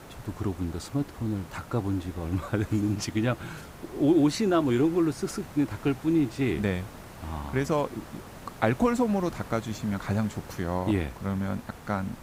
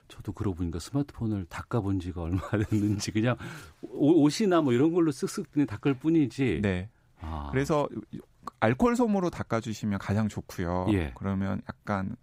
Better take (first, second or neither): second